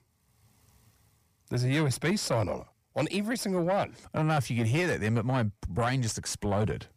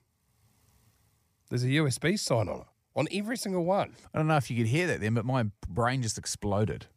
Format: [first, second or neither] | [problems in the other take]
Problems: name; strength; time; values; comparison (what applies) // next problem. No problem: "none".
second | distortion; slight; 10 dB below the speech